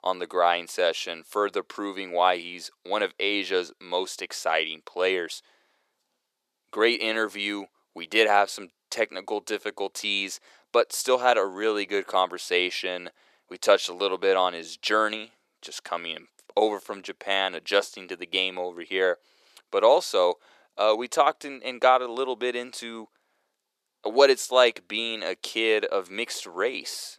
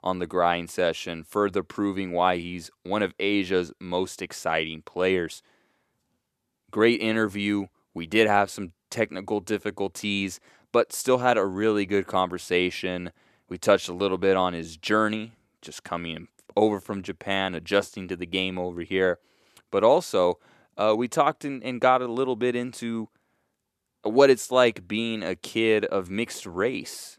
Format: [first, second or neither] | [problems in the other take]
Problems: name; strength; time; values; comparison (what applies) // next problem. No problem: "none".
second | thin; somewhat; fading below 500 Hz